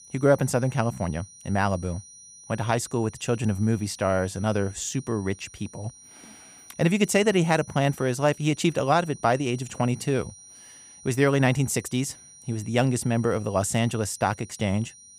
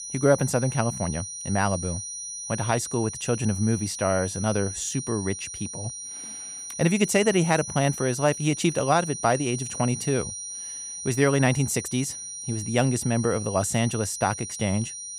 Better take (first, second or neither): first